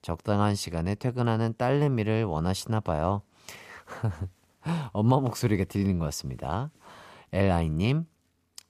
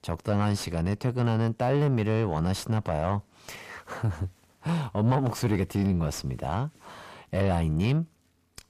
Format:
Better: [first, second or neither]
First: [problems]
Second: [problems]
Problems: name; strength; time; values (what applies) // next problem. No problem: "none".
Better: first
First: none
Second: distortion; slight; 10 dB below the speech